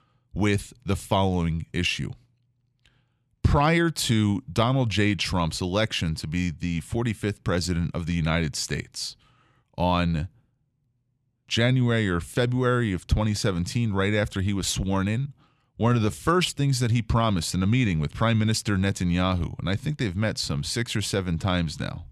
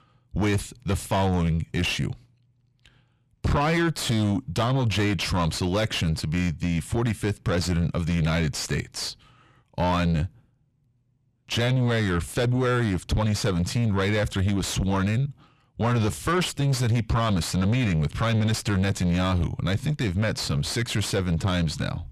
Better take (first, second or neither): first